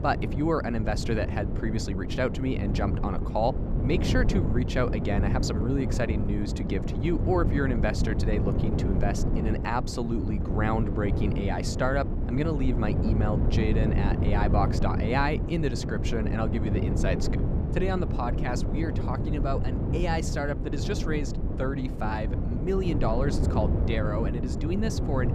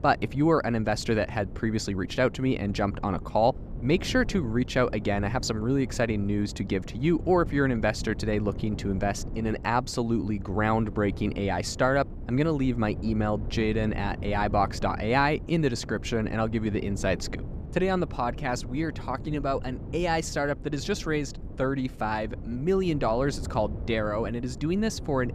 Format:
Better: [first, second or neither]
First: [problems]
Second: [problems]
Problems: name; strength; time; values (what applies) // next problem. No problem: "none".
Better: second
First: wind noise on the microphone; heavy; 6 dB below the speech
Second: wind noise on the microphone; occasional gusts; 20 dB below the speech